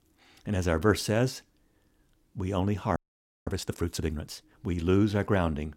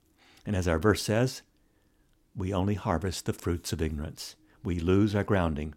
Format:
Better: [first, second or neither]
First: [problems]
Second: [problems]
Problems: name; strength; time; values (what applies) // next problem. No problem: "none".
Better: second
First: audio freezing; at 3 s for 0.5 s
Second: none